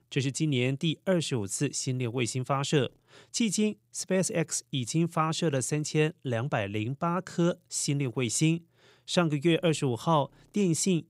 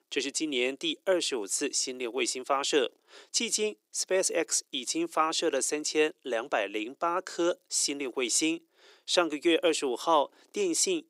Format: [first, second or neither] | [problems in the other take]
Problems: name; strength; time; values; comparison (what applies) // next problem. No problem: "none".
first | thin; very; fading below 300 Hz